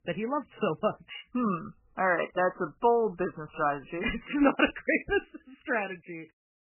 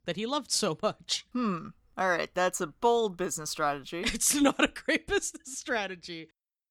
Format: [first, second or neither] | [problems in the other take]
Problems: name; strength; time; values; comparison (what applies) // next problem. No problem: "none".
second | garbled, watery; badly; nothing above 3 kHz